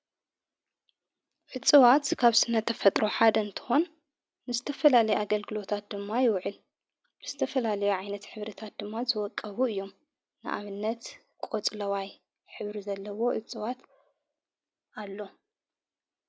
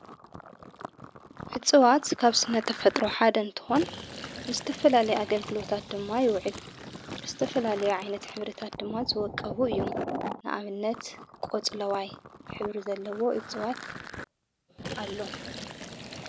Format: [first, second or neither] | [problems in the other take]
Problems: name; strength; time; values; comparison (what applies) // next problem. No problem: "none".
first | background sound (Fill (with liquid)); 11 dB below the speech